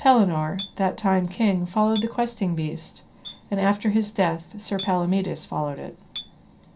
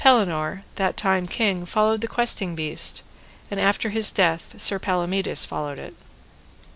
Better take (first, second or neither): second